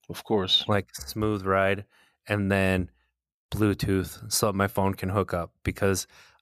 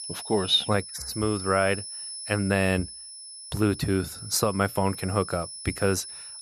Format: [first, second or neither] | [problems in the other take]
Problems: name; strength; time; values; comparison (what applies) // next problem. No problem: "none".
first | high-pitched whine; noticeable; throughout; 10 kHz, 10 dB below the speech